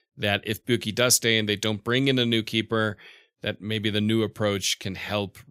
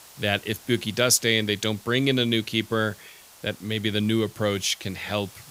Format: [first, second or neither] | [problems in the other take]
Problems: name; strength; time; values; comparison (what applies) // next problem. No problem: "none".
first | hiss; faint; throughout; 20 dB below the speech